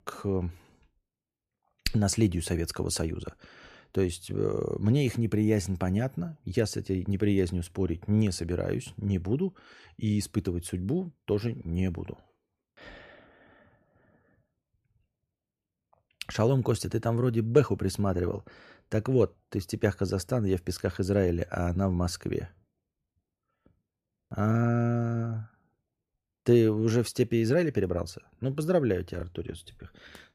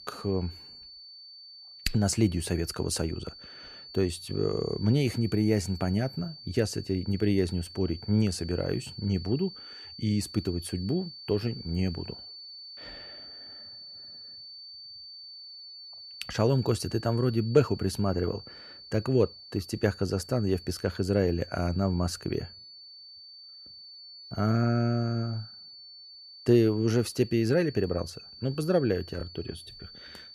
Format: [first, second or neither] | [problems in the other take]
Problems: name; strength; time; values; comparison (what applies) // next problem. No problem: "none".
first | high-pitched whine; noticeable; throughout; 4.5 kHz, 15 dB below the speech